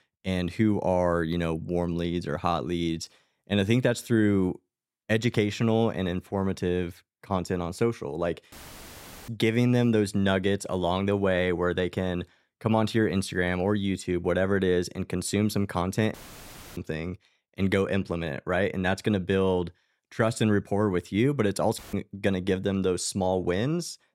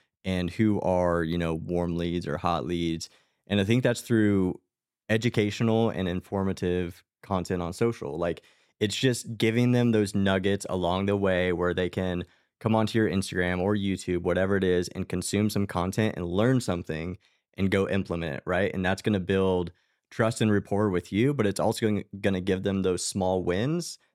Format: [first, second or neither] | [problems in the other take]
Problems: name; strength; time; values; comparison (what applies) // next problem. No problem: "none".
second | audio cutting out; filled with static; at 8.5 s for 1 s, at 16 s for 0.5 s and at 22 s